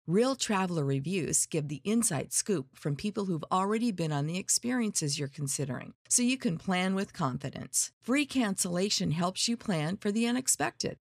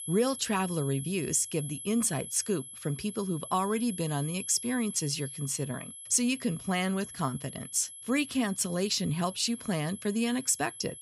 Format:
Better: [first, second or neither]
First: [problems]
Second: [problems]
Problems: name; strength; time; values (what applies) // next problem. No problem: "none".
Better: first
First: none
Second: high-pitched whine; noticeable; throughout; 11 kHz, 10 dB below the speech